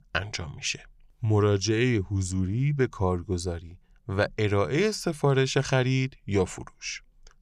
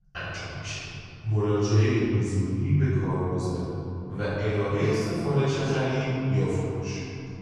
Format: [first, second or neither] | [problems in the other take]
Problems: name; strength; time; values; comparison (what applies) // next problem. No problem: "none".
first | off-mic speech; far // room echo; strong; dies away in 3 s